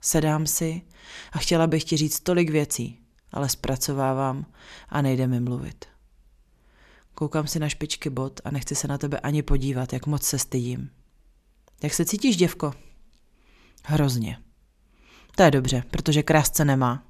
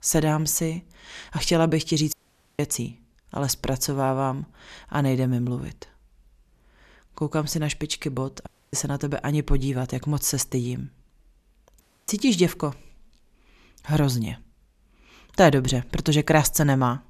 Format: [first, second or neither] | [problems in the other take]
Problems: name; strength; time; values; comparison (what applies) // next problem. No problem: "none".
first | audio cutting out; at 2 s, at 8.5 s and at 12 s